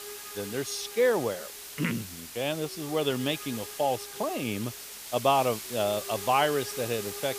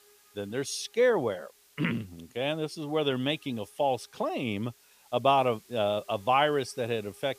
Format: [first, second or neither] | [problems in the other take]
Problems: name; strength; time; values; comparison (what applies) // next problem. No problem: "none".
second | hiss; loud; throughout; 9 dB below the speech; faint in the second